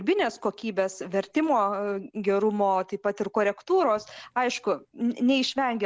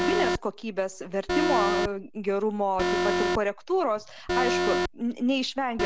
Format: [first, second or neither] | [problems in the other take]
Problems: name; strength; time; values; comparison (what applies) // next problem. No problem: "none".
first | background sound (Alarm); 1 dB below the speech